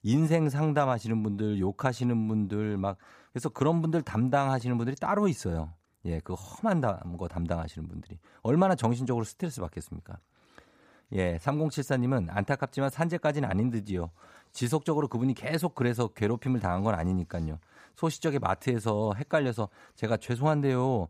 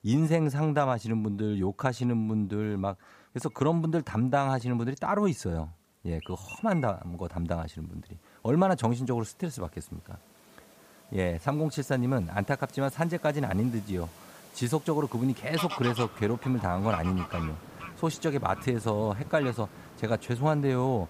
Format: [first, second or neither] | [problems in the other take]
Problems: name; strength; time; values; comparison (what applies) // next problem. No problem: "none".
first | animal sounds; noticeable; throughout; 15 dB below the speech